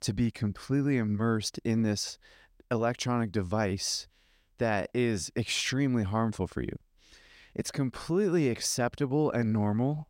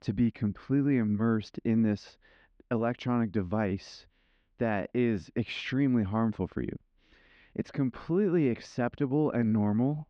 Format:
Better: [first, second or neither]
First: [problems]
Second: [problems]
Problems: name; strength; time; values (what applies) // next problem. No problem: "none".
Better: first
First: none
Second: muffled; slightly; fading above 3 kHz